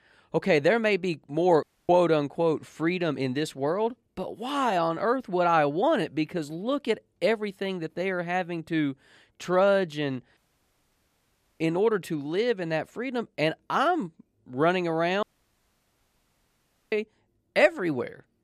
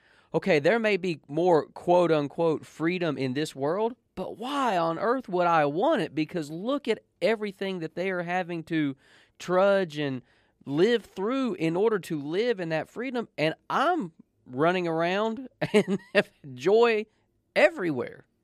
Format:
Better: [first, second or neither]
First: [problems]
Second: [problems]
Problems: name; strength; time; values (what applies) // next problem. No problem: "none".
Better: second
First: audio cutting out; at 1.5 s, at 10 s for 1 s and at 15 s for 1.5 s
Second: none